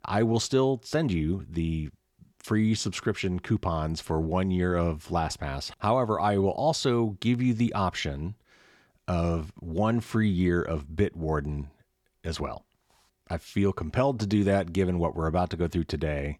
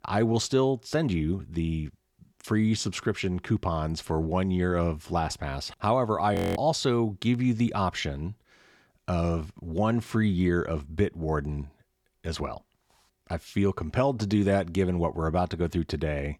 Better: first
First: none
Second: audio freezing; at 6.5 s

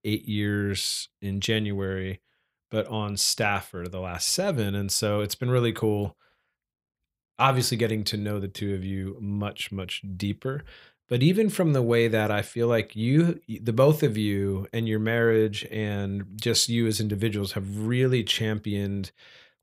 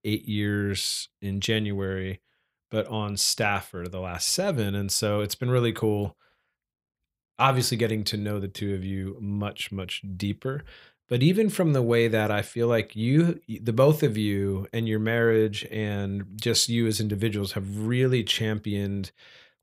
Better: neither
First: none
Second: none

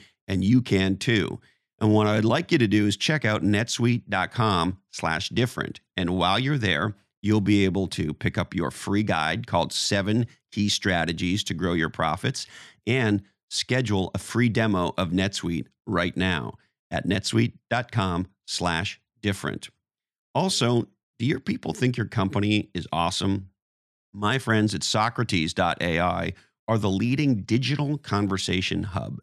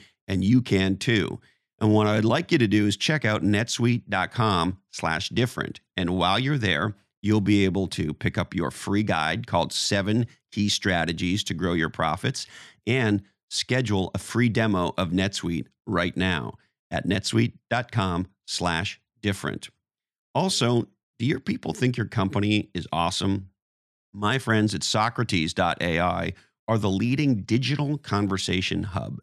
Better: neither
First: none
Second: none

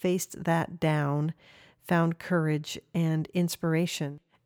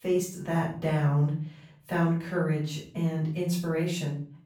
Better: first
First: none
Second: off-mic speech; far // room echo; noticeable; dies away in 0.4 s

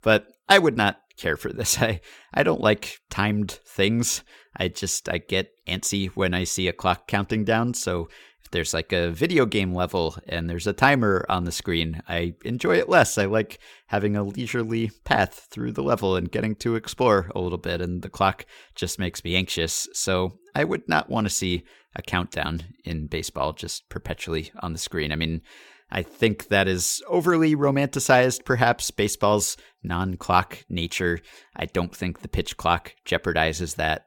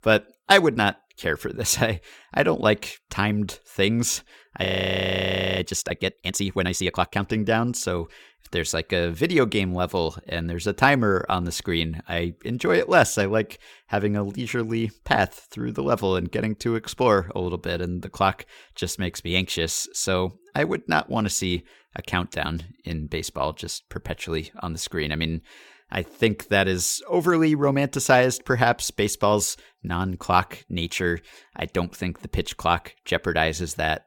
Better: first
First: none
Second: audio freezing; at 4.5 s for 1 s

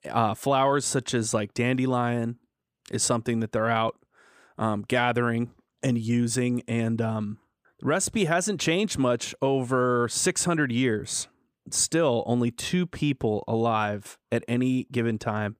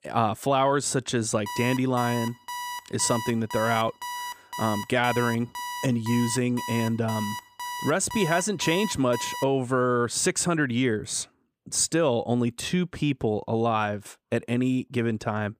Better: first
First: none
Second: alarm; noticeable; from 1.5 to 9.5 s; peak 8 dB below the speech

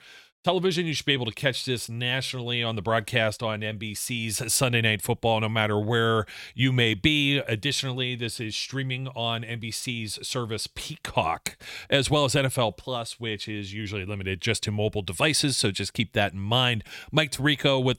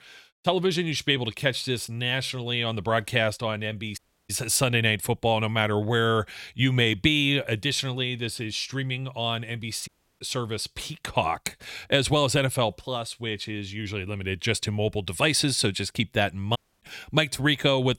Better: first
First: none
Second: audio cutting out; at 4 s, at 10 s and at 17 s

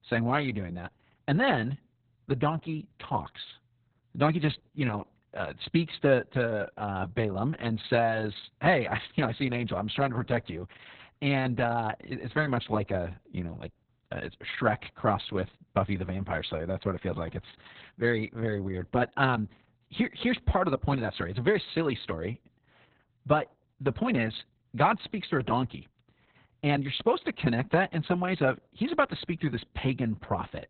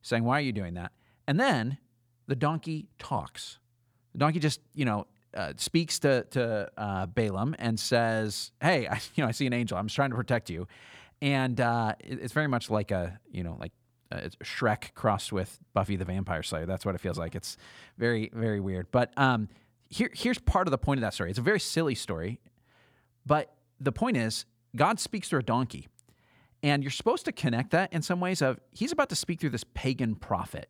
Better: second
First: garbled, watery; badly; nothing above 4 kHz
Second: none

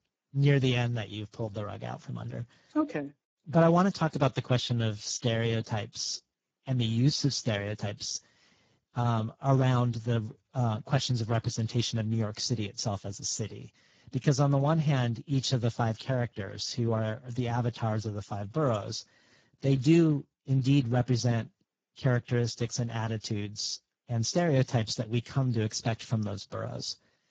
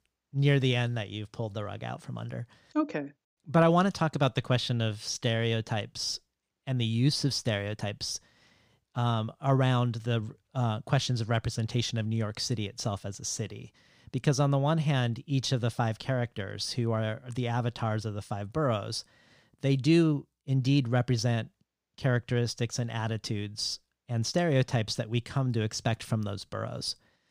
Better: second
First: garbled, watery; badly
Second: none

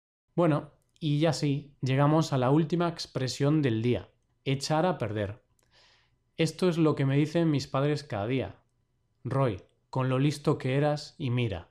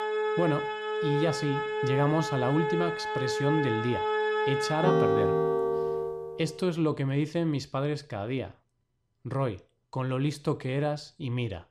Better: first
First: none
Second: background music; very loud; until 6.5 s; 2 dB above the speech

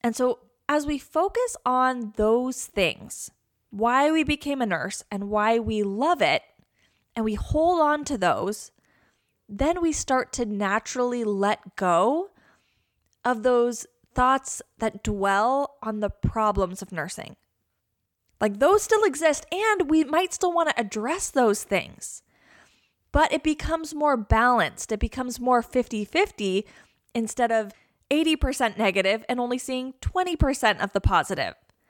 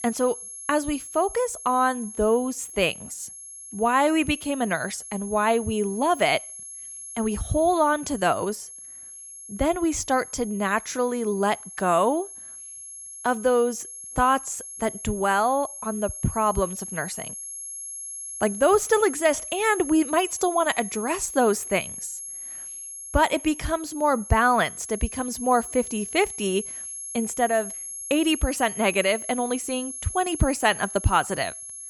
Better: first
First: none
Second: high-pitched whine; noticeable; throughout; 11 kHz, 10 dB below the speech

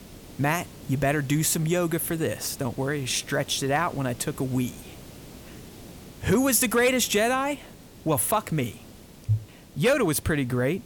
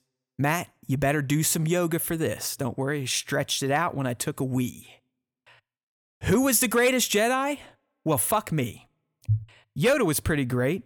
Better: second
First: hiss; noticeable; throughout; 20 dB below the speech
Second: none

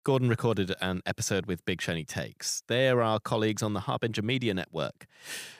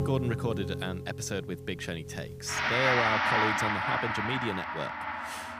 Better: first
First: none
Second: background music; very loud; throughout; 4 dB above the speech

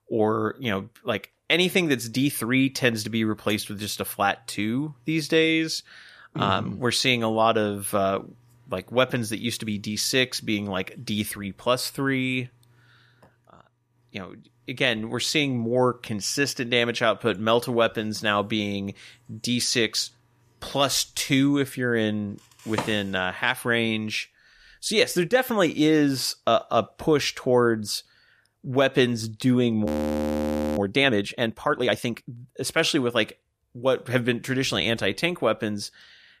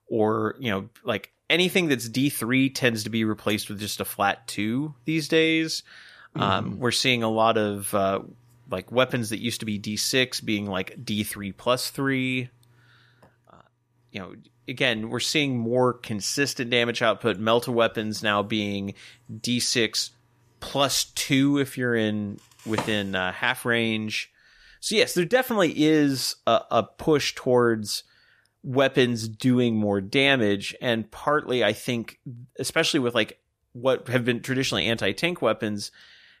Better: second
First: audio freezing; at 30 s for 1 s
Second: none

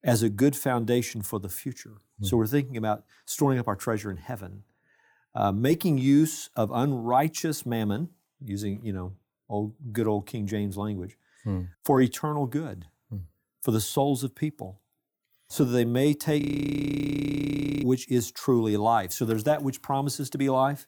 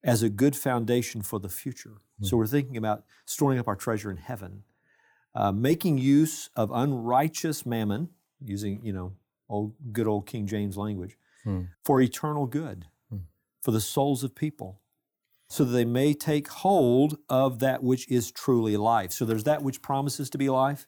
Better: second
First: audio freezing; at 16 s for 1.5 s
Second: none

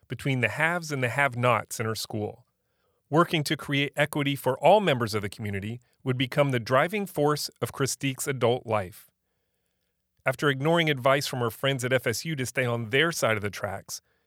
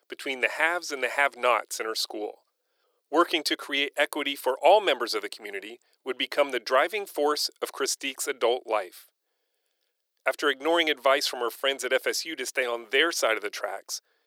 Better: first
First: none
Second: thin; somewhat; fading below 300 Hz

